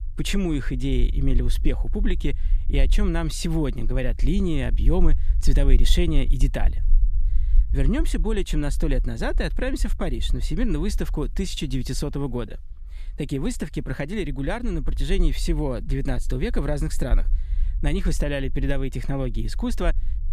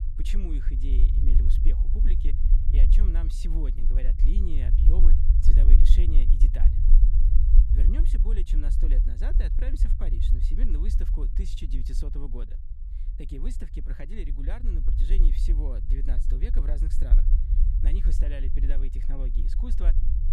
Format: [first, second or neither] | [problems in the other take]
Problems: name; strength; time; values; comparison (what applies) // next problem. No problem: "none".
first | low rumble; loud; throughout; 2 dB below the speech; faint in the first